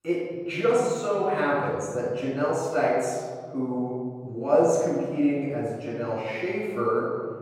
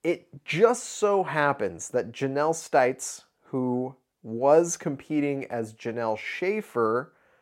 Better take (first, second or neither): second